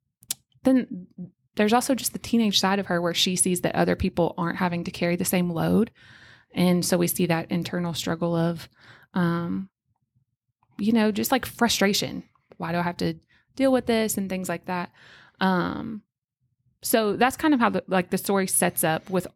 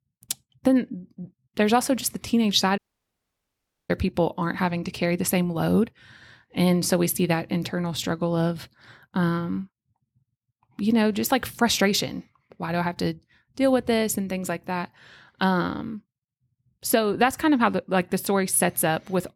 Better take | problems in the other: first | audio cutting out; at 3 s for 1 s

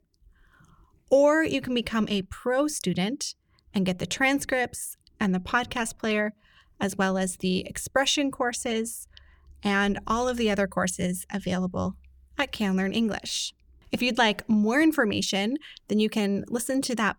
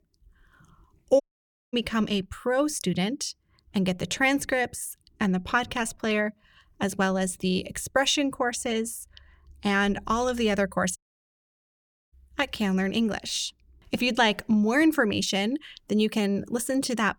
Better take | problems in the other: first | audio cutting out; at 1 s for 0.5 s and at 11 s for 1 s

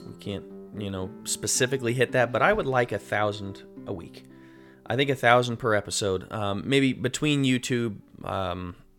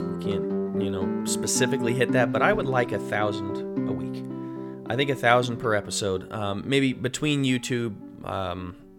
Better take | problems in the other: first | background music; loud; throughout; 5 dB below the speech; faint in the first

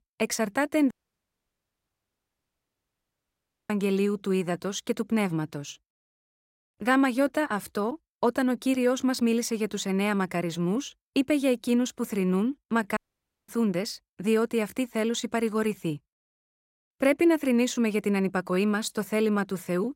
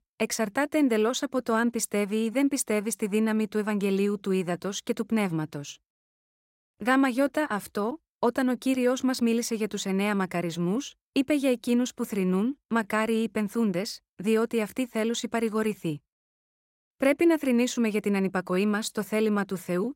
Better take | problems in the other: second | audio cutting out; at 1 s for 3 s and at 13 s for 0.5 s

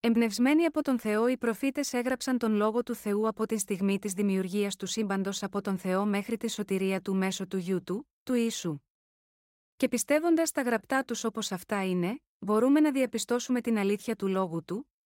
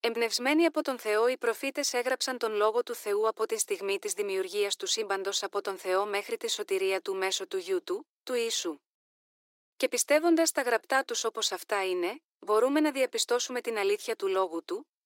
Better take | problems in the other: first | thin; very; fading below 350 Hz

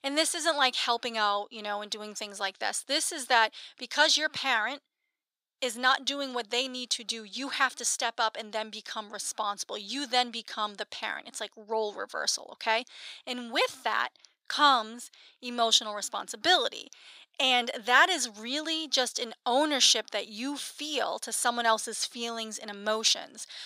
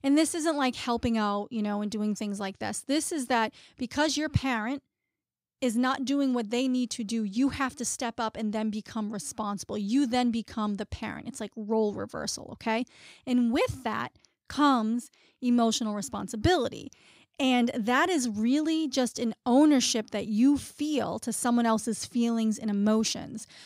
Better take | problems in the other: second | thin; very; fading below 700 Hz

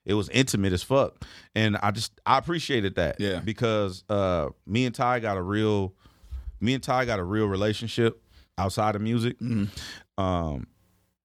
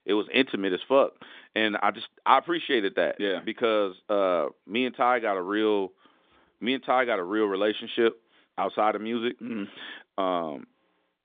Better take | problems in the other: first | phone-call audio

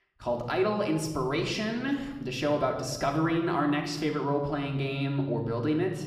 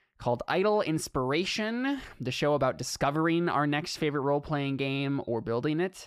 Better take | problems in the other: second | room echo; slight; dies away in 1.1 s // off-mic speech; somewhat distant

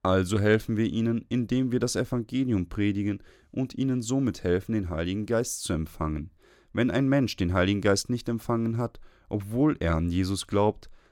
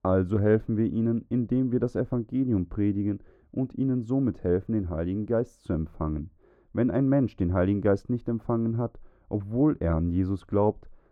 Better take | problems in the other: first | muffled; very; fading above 2 kHz

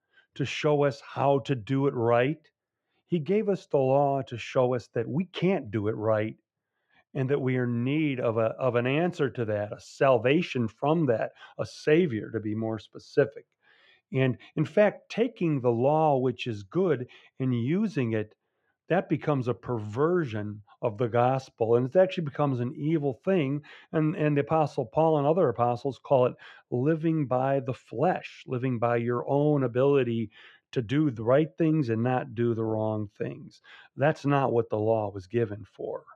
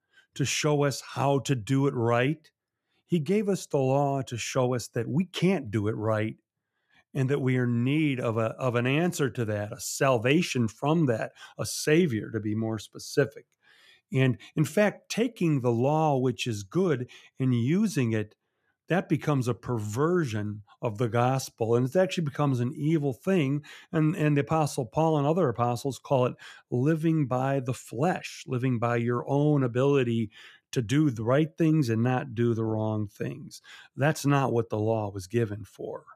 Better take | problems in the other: second | muffled; slightly; fading above 3 kHz

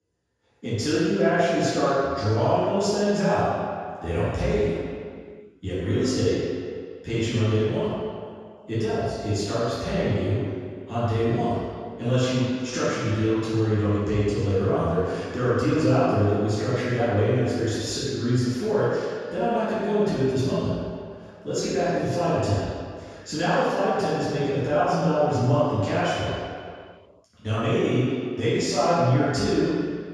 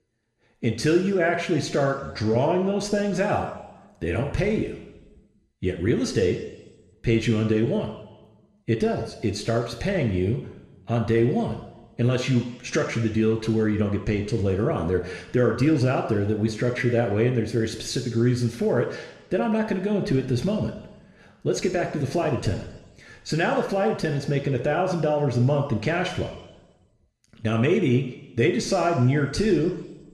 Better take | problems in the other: second | room echo; strong; dies away in 1.8 s; slight in the second // off-mic speech; far

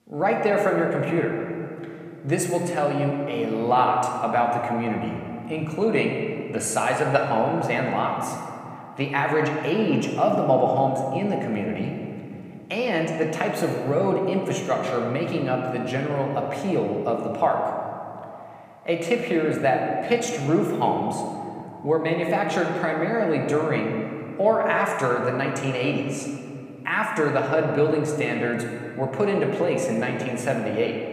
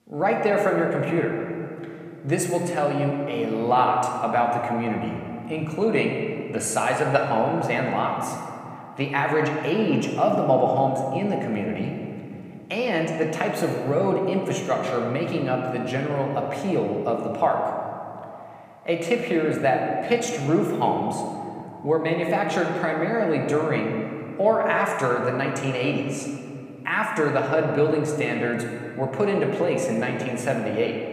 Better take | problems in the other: neither | room echo; noticeable; dies away in 2.2 s; the same in both

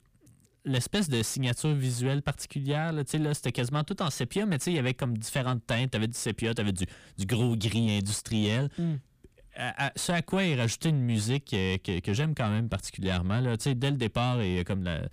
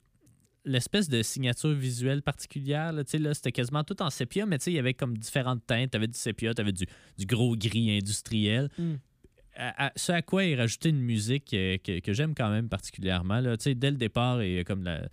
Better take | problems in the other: second | distortion; slight; 10 dB below the speech

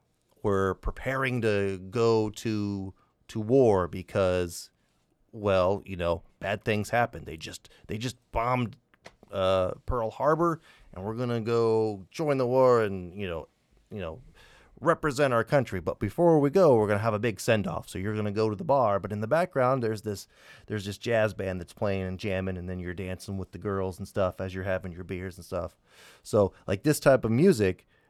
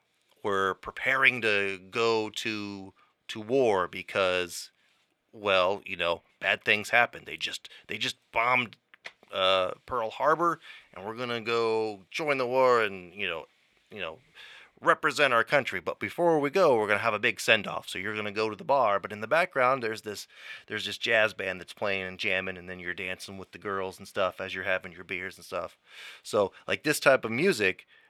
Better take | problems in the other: first | thin; somewhat; fading below 900 Hz

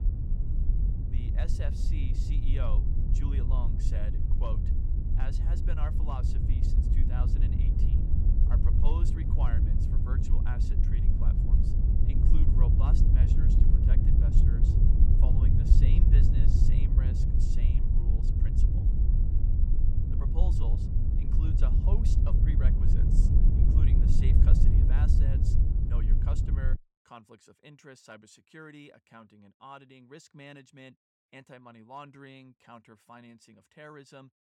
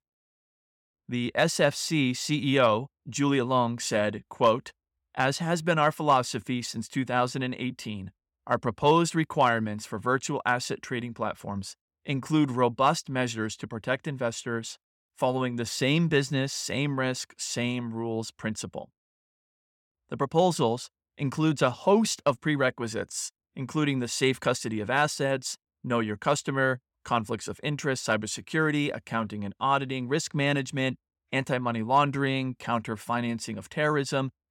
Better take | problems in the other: second | wind noise on the microphone; heavy; until 27 s; 3 dB above the speech

